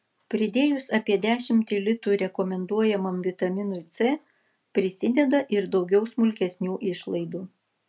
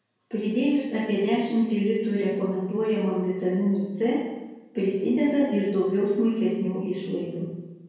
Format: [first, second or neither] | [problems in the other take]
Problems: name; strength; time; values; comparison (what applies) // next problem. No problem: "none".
first | room echo; dies away in 1 s